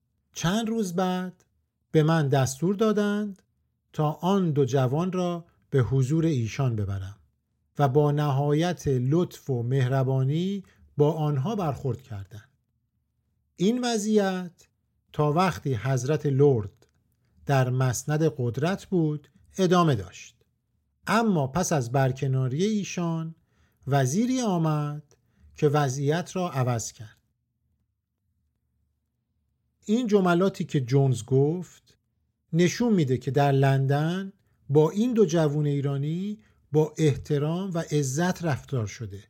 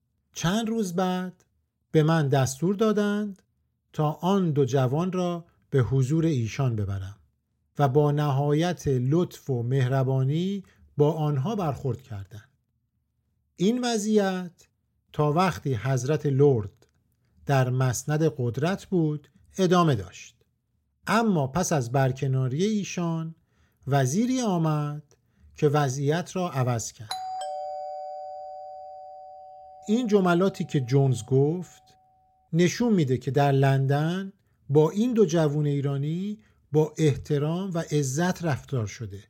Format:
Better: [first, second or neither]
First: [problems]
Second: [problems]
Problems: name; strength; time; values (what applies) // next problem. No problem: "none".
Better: first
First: none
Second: doorbell; noticeable; from 27 to 30 s; peak 8 dB below the speech